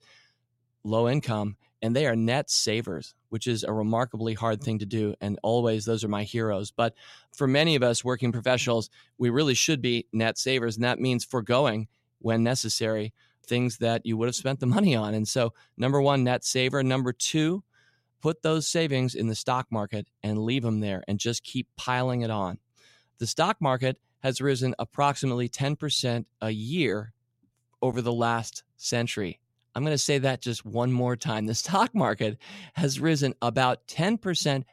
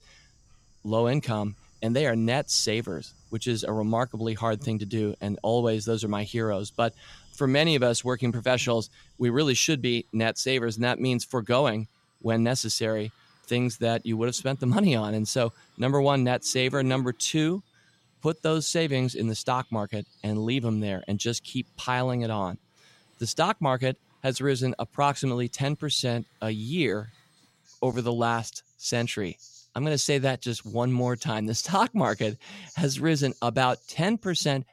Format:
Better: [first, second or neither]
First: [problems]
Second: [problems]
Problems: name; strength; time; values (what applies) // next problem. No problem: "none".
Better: first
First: none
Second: animal sounds; faint; throughout; 30 dB below the speech